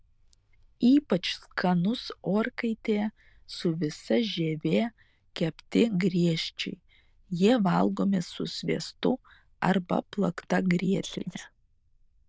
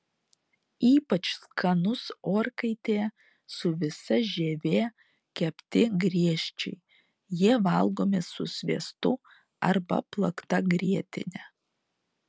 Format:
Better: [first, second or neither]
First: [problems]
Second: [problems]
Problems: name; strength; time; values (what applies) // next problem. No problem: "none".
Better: second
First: noise reduction (neural diffusion model UNIVERSE++)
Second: none